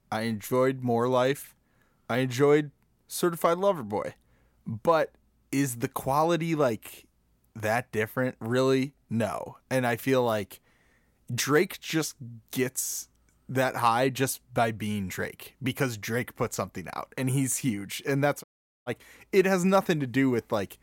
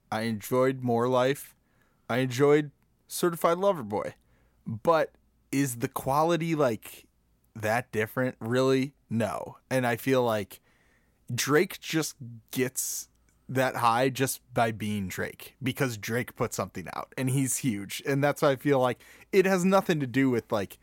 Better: second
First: audio cutting out; at 18 s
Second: none

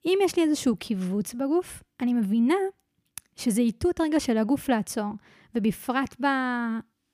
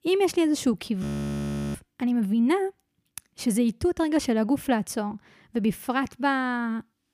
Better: first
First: none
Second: audio freezing; at 1 s for 0.5 s

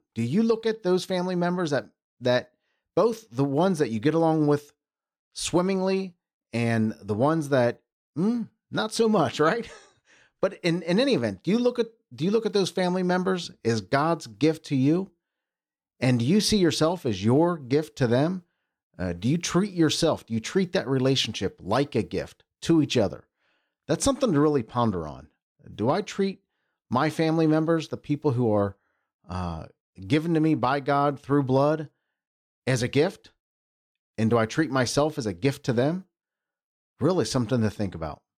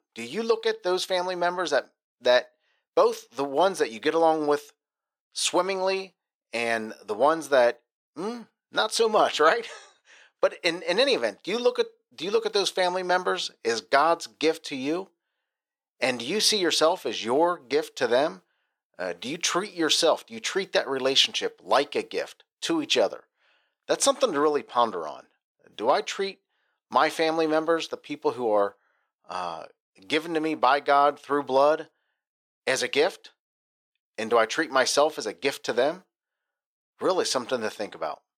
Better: first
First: none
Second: thin; very; fading below 600 Hz

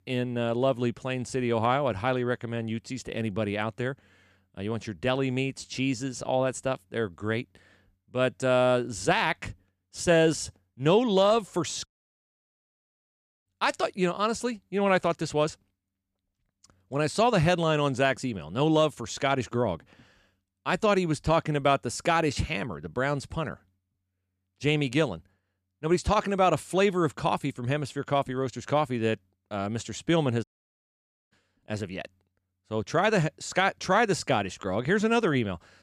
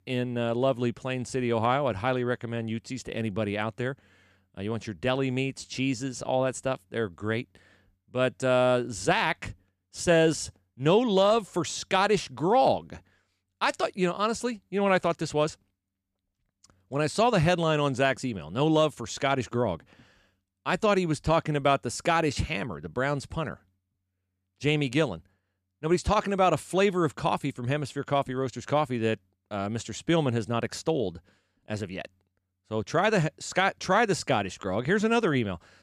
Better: second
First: audio cutting out; at 12 s for 1.5 s and at 30 s for 1 s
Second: none

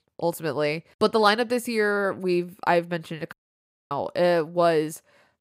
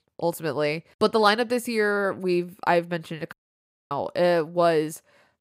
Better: neither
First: audio cutting out; at 3.5 s for 0.5 s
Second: audio cutting out; at 3.5 s for 0.5 s

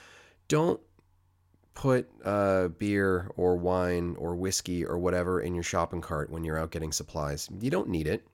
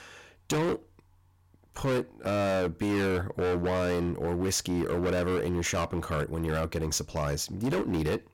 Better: first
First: none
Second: distortion; heavy; 21% of the sound clipped

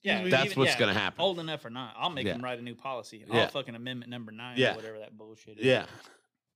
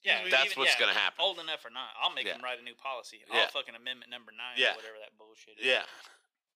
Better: first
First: none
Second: thin; very; fading below 650 Hz

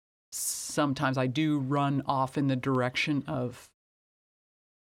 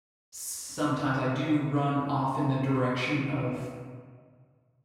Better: first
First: none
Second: room echo; strong; dies away in 1.5 s // off-mic speech; far

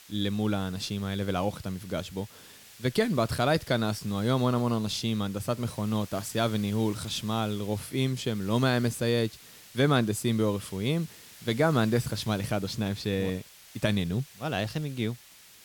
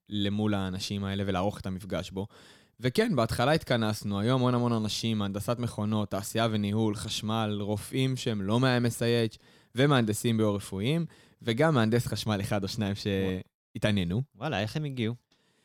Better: second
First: hiss; noticeable; throughout; 20 dB below the speech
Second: none

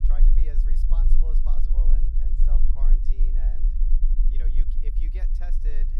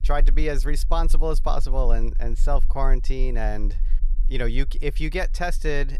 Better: second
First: low rumble; loud; throughout; 1 dB below the speech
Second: low rumble; faint; throughout; 25 dB below the speech

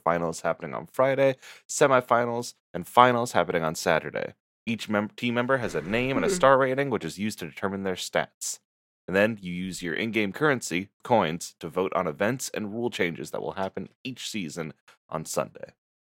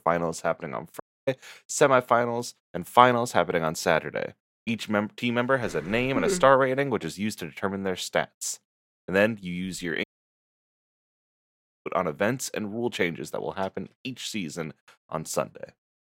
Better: first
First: none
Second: audio cutting out; at 1 s and at 10 s for 2 s

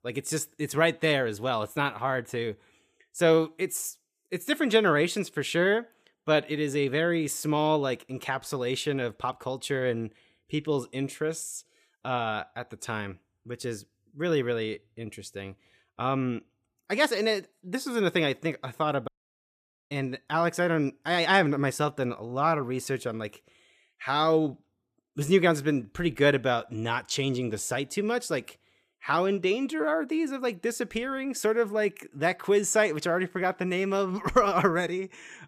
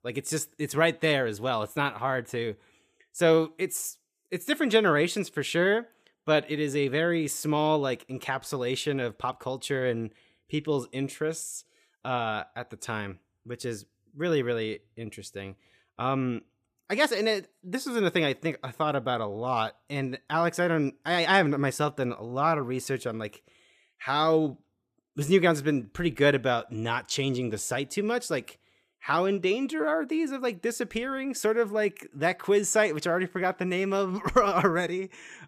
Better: second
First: audio cutting out; at 19 s for 1 s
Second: none

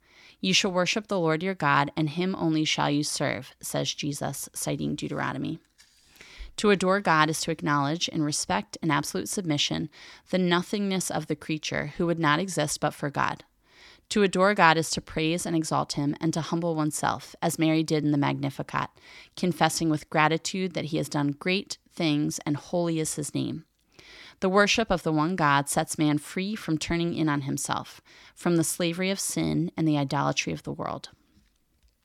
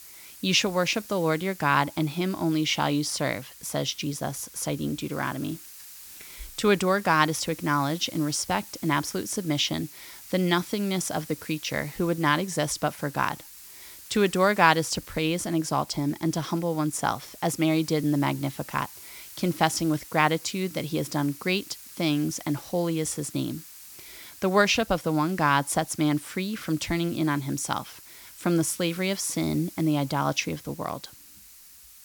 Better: first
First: none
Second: hiss; noticeable; throughout; 15 dB below the speech

